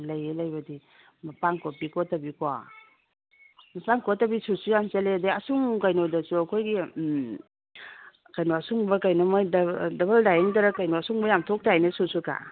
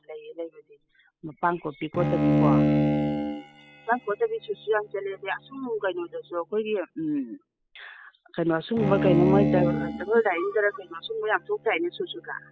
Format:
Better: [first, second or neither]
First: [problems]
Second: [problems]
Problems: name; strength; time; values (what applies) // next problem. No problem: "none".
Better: first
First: none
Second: noise reduction (classical method spectral subtraction)